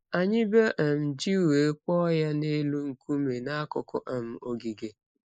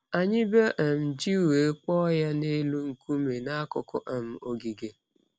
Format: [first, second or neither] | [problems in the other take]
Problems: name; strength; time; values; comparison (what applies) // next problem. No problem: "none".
second | noise reduction (neural mask model Resemble Enhance denoiser)